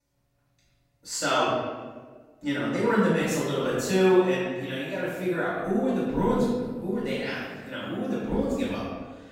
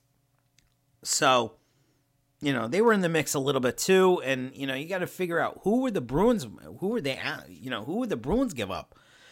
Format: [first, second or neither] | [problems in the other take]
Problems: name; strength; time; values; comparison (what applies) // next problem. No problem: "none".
second | off-mic speech; far // room echo; strong; dies away in 1.3 s